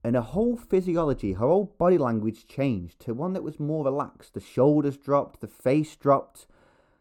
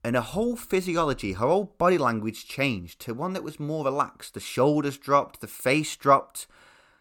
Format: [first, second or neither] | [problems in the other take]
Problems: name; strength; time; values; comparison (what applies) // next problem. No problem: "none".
second | muffled; slightly; fading above 1 kHz